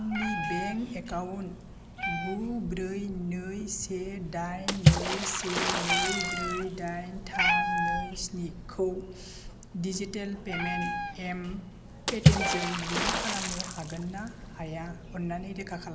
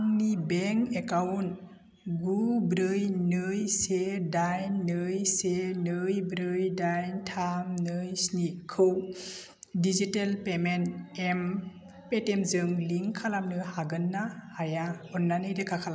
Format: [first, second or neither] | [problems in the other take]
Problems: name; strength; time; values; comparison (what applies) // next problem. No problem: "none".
second | background sound (Meow + Water / Splash, splatter); 4 dB above the speech